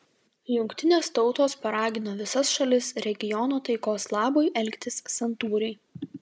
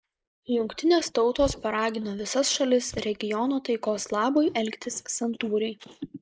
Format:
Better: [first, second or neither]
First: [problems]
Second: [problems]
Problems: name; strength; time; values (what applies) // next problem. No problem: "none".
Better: first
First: none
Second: noise reduction (neural mask model Resemble Enhance denoiser)